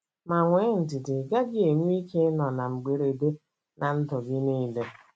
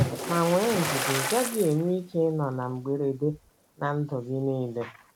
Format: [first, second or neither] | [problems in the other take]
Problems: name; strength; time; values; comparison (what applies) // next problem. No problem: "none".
first | background sound (Splash, splatter); 7 dB below the speech